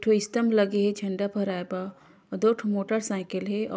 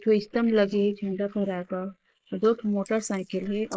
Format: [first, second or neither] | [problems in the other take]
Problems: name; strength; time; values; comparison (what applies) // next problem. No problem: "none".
first | noise reduction (neural mask model Resemble Enhance denoiser)